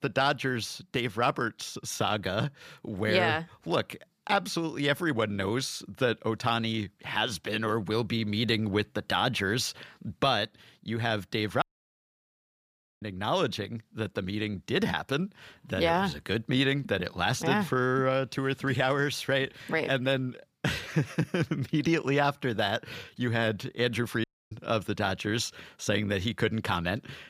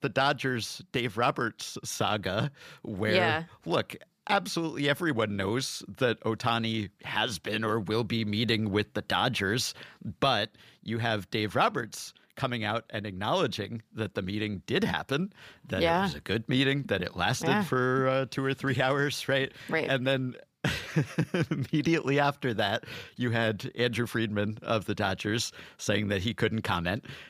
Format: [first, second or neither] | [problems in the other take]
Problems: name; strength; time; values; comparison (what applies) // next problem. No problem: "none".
second | audio cutting out; at 12 s for 1.5 s and at 24 s